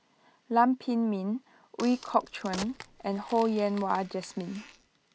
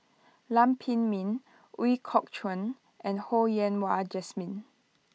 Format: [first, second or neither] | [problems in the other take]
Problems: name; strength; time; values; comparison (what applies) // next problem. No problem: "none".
second | background sound (Crack); 16 dB below the speech